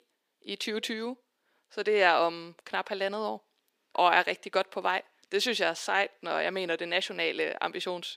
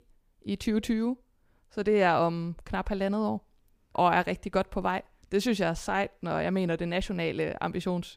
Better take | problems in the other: second | thin; somewhat; fading below 350 Hz

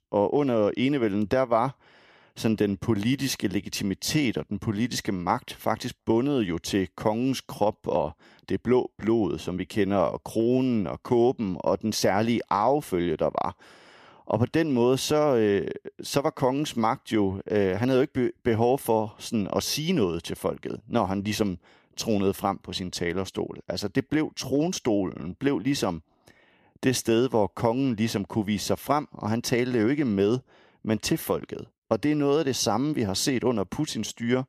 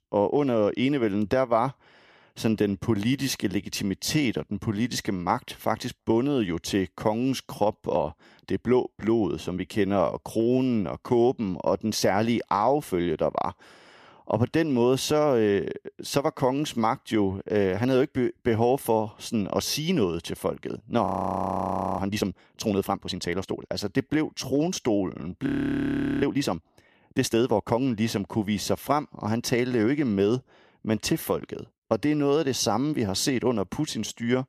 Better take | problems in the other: first | audio freezing; at 21 s for 1 s and at 25 s for 1 s

